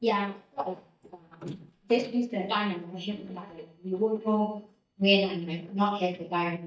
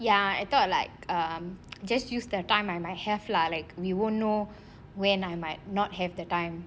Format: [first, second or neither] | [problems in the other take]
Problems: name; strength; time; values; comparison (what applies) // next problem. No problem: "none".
second | noise reduction (neural mask model DeepFilterNet 3)